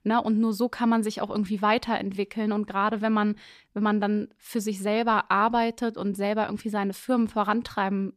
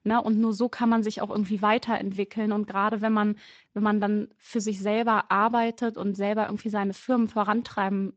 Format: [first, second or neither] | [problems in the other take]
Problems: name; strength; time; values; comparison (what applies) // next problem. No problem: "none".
first | garbled, watery; slightly; nothing above 7.5 kHz